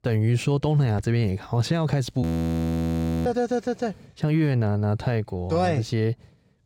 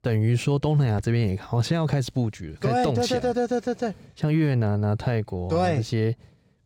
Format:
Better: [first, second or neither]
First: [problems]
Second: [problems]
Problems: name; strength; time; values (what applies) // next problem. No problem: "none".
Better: second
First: audio freezing; at 2 s for 1 s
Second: none